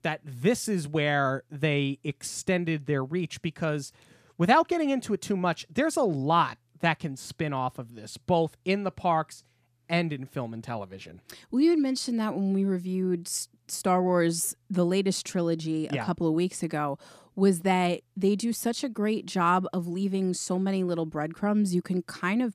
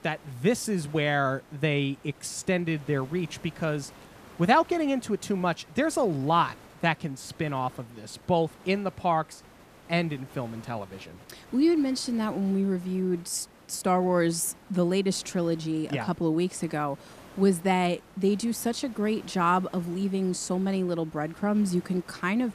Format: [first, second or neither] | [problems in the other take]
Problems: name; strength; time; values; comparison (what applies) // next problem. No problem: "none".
first | hiss; faint; throughout; 25 dB below the speech